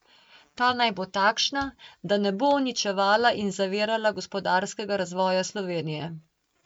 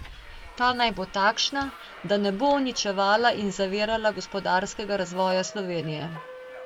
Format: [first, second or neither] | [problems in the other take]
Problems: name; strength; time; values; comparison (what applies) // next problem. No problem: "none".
first | background sound (Subway, metro, underground); 17 dB below the speech